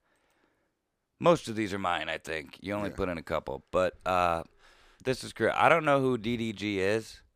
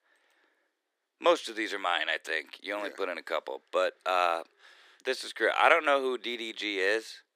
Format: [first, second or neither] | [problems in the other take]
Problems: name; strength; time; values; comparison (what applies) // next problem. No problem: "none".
first | thin; somewhat; fading below 350 Hz